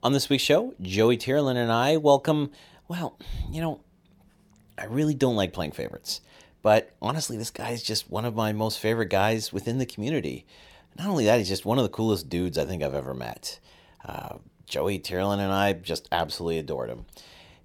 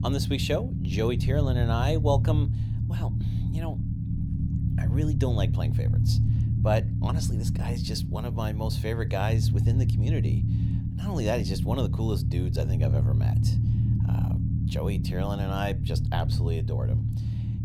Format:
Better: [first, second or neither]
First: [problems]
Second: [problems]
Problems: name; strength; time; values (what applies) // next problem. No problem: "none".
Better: first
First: none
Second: low rumble; loud; throughout; 6 dB below the speech